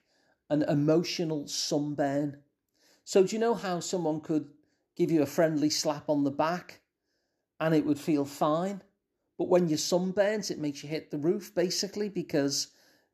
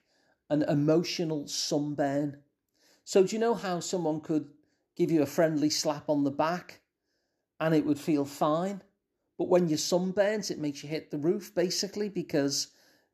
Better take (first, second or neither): neither